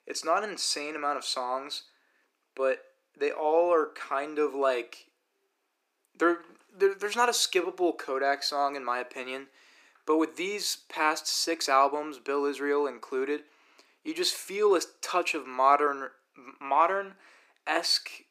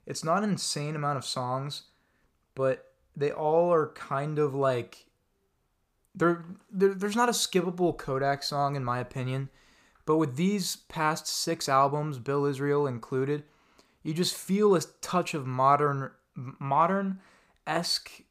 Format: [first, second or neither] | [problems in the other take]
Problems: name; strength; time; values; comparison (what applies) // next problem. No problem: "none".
second | thin; somewhat; fading below 300 Hz